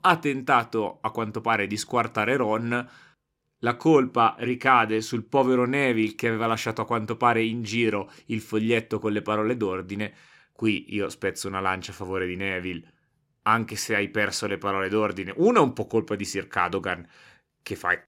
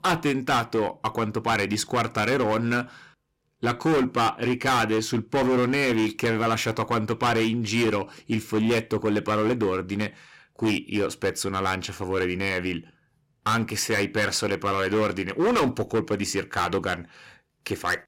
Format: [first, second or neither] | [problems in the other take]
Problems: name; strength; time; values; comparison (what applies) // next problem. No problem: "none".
first | distortion; heavy; 12% of the sound clipped